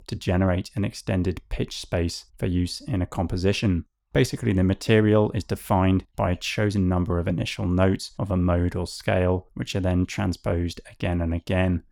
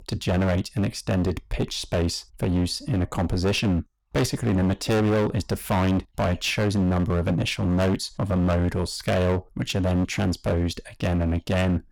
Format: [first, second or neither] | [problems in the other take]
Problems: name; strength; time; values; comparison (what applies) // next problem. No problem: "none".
first | distortion; heavy; 18% of the sound clipped